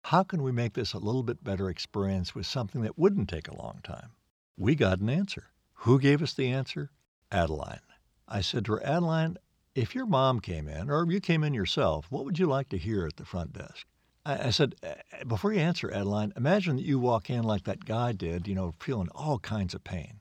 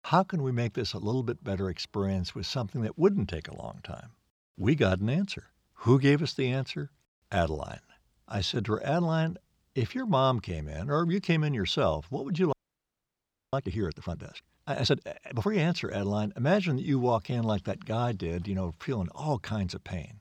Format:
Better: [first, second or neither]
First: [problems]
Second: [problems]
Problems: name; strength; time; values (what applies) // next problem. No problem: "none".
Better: first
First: none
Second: audio freezing; at 13 s for 1 s